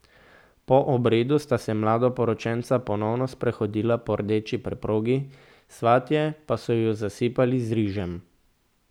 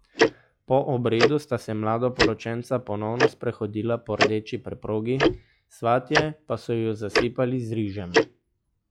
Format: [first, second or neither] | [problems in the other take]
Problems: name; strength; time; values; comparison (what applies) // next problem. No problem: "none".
first | noise reduction (classical method log-MMSE)